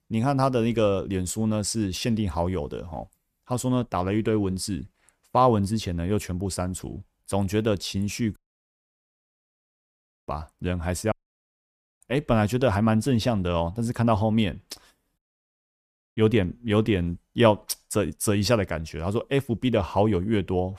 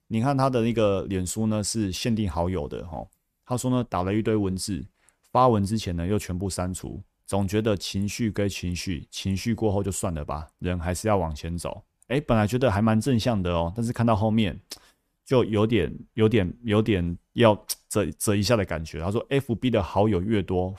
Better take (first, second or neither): second